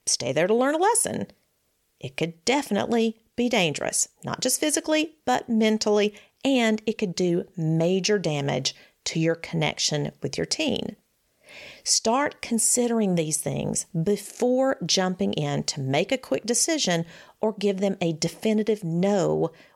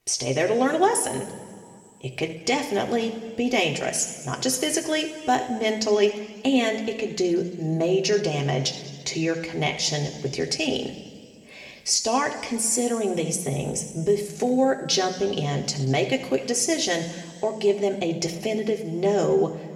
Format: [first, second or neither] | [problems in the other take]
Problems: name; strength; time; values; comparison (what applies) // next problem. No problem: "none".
first | room echo; slight; dies away in 1.9 s // off-mic speech; somewhat distant